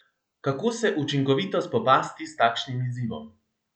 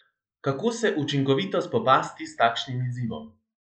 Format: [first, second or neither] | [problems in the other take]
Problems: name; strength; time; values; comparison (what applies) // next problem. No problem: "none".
first | noise reduction (neural mask model Resemble Enhance denoiser)